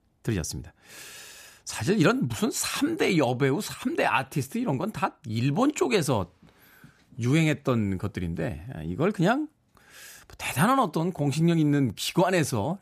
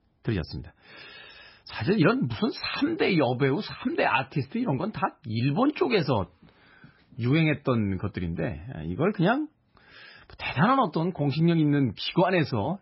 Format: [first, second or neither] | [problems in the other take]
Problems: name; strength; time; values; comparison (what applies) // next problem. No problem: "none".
first | garbled, watery; badly; nothing above 5.5 kHz